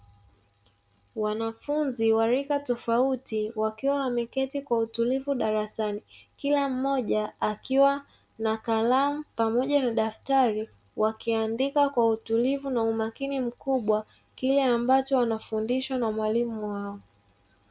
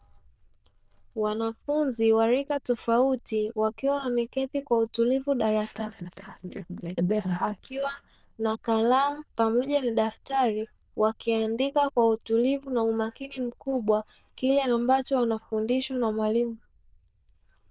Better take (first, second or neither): first